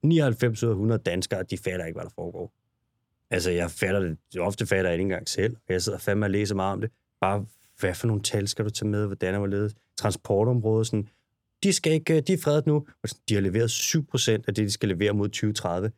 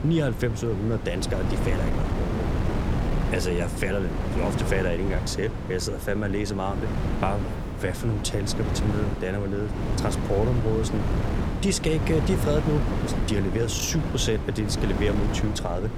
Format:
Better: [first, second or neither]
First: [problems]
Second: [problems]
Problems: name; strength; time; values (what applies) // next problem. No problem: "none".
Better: first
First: none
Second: wind noise on the microphone; heavy; 4 dB below the speech